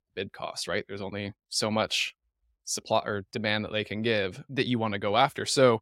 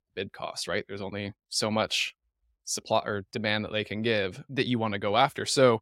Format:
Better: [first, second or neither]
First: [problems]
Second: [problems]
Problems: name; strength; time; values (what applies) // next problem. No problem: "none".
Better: neither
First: none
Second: none